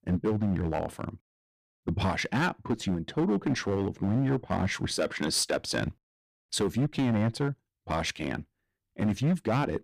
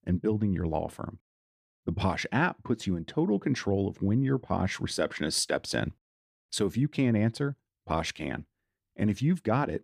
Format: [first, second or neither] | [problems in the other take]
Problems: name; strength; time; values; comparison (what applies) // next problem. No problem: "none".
second | distortion; slight; 7% of the sound clipped